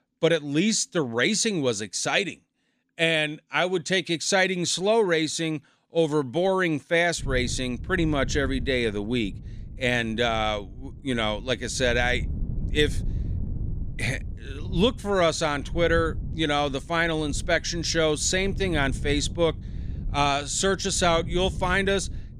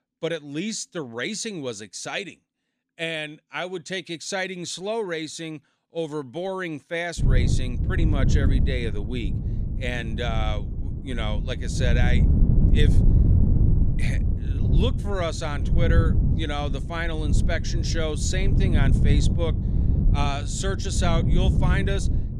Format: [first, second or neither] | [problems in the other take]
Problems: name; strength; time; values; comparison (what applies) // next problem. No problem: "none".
first | wind noise on the microphone; heavy; from 7 s on; 6 dB below the speech; occasional gusts in the first